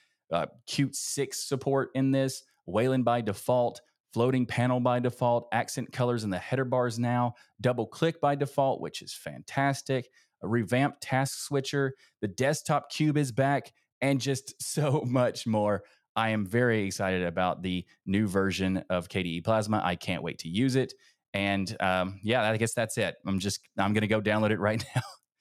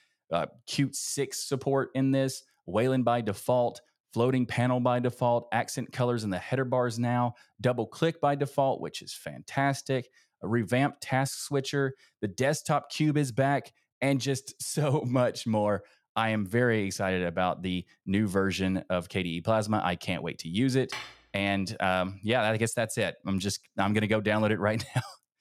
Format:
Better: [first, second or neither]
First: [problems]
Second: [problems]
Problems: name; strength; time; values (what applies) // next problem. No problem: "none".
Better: first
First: none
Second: clattering dishes; noticeable; at 21 s; peak 10 dB below the speech